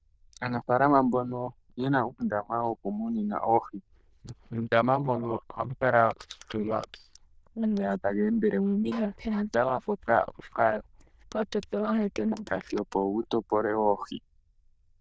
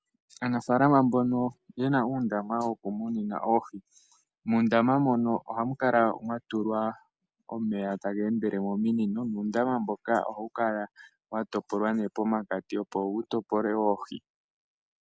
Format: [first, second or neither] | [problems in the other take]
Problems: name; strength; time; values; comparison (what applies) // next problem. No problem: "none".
second | noise reduction (neural diffusion model UNIVERSE++)